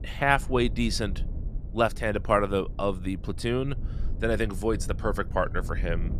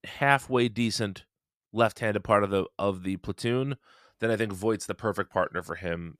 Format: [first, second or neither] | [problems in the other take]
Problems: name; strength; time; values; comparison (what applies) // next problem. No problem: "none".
second | low rumble; faint; throughout; 20 dB below the speech